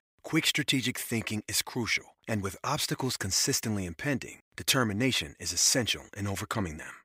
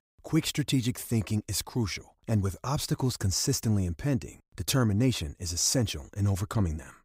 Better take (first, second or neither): second